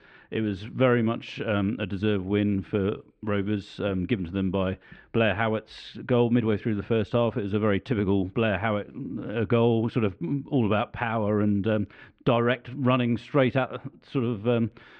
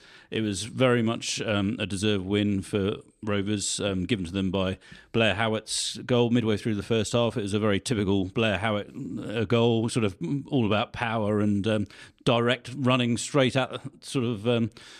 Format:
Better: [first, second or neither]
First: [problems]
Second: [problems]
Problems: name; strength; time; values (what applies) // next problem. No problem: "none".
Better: second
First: muffled; very; fading above 2.5 kHz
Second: none